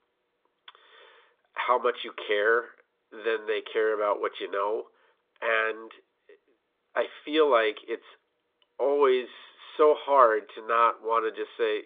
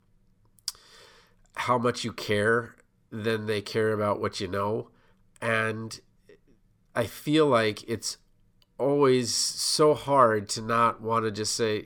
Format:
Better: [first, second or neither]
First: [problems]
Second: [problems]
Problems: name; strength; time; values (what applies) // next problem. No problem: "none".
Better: second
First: phone-call audio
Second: none